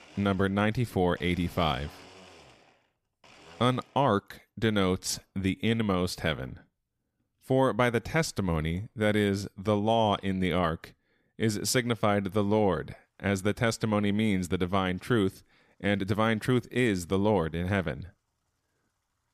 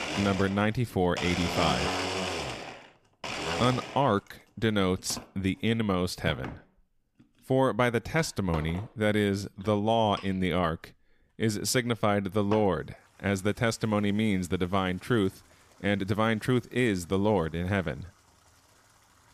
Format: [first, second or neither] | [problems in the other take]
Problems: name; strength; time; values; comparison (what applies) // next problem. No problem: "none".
first | household noises; loud; throughout; 7 dB below the speech; faint in the first